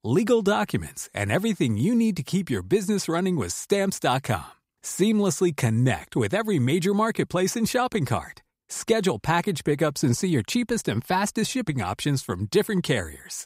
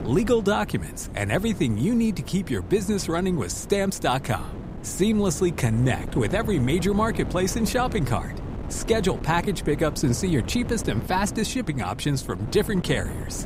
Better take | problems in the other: first | wind noise on the microphone; occasional gusts; 15 dB below the speech

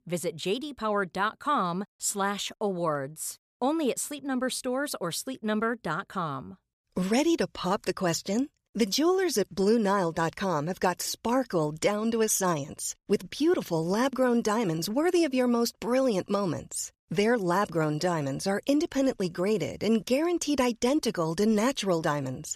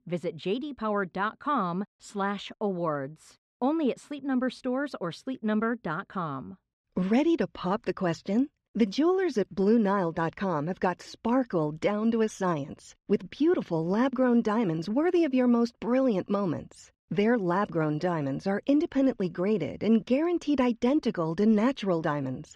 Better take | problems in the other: first | muffled; slightly; fading above 3 kHz

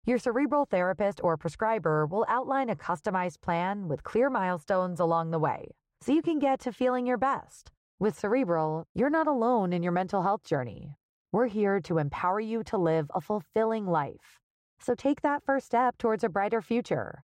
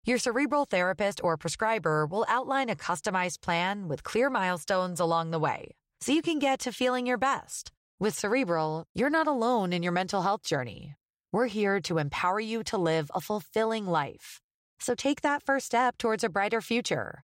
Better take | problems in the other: second | muffled; slightly; fading above 2 kHz

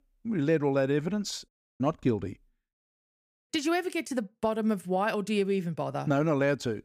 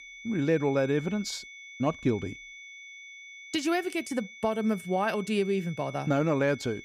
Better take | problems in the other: first | high-pitched whine; noticeable; throughout; 2 kHz, 15 dB below the speech

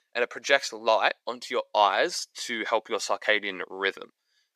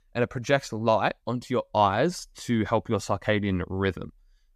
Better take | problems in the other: second | thin; very; fading below 400 Hz

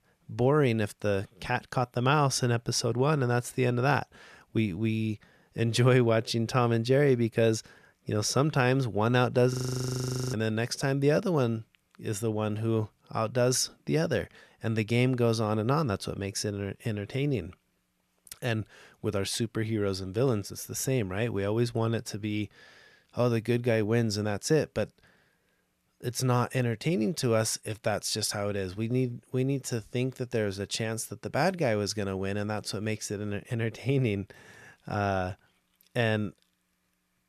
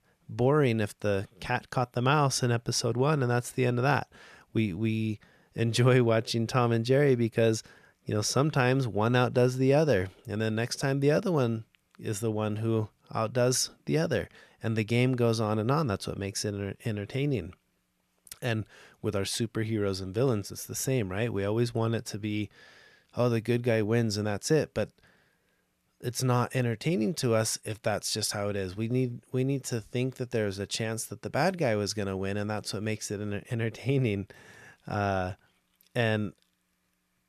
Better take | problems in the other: second | audio freezing; at 9.5 s for 1 s

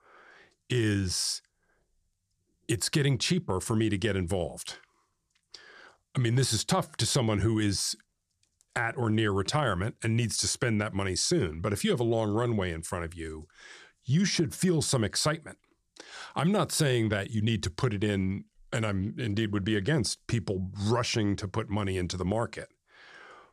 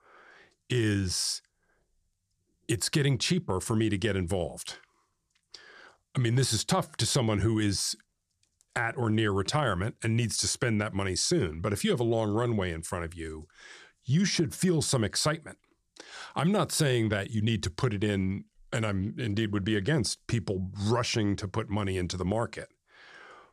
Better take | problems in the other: neither | none

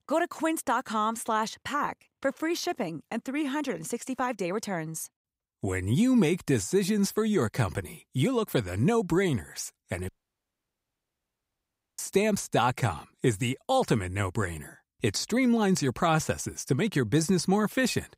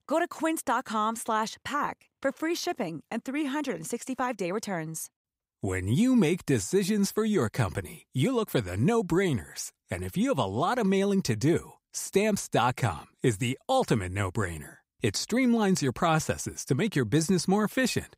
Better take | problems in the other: second | audio cutting out; at 10 s for 2 s

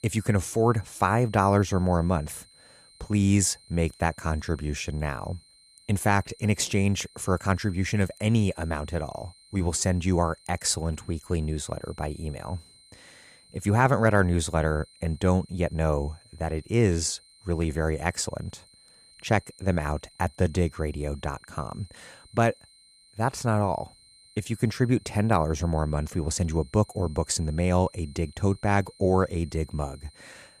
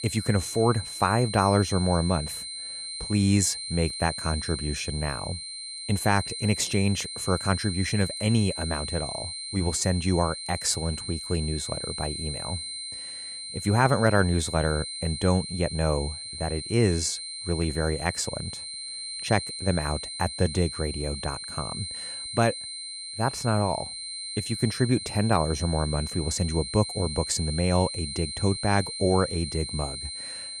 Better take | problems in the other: first | high-pitched whine; loud; throughout; 4 kHz, 7 dB below the speech; faint in the first

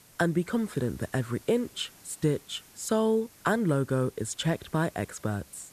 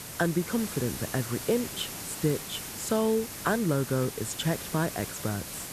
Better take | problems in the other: first | hiss; loud; throughout; 7 dB below the speech; faint in the first

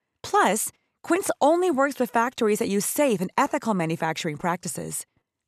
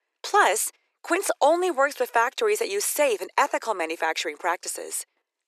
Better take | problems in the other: first | thin; very; fading below 350 Hz

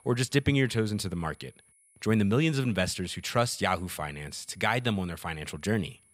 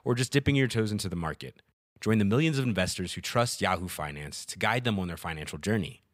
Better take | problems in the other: second | high-pitched whine; faint; throughout; 10.5 kHz, 30 dB below the speech

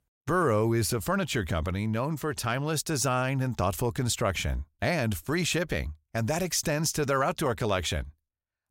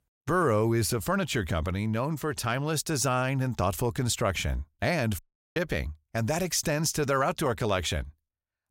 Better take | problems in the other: first | audio cutting out; at 5 s

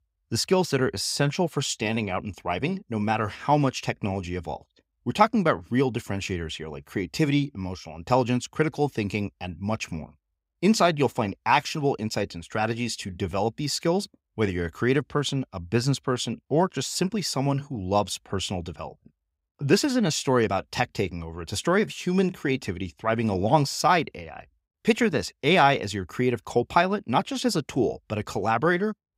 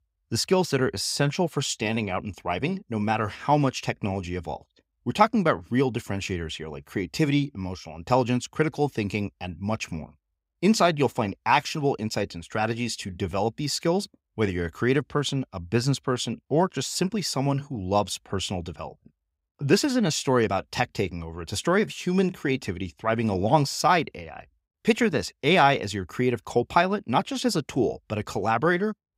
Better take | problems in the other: neither | none

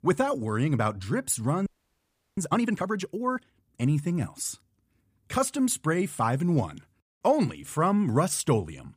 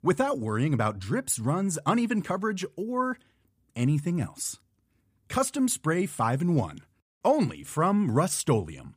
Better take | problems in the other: second | audio freezing; at 1.5 s for 0.5 s

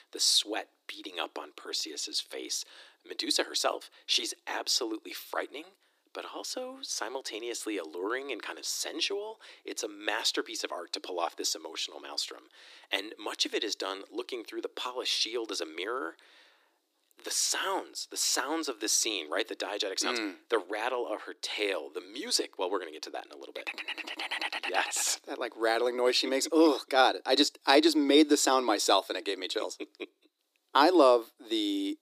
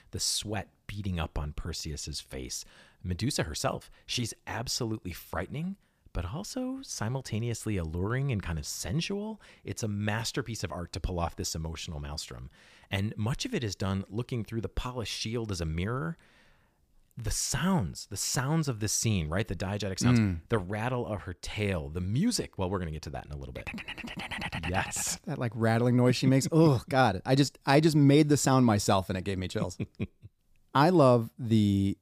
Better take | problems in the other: second | thin; somewhat; fading below 300 Hz

